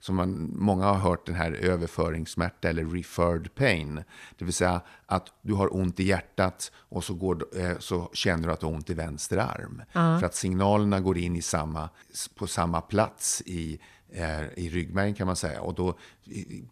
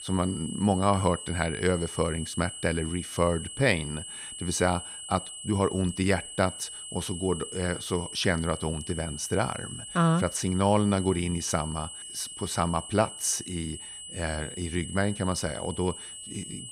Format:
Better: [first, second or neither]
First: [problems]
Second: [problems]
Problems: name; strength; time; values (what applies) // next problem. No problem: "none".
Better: first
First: none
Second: high-pitched whine; loud; throughout; 3 kHz, 9 dB below the speech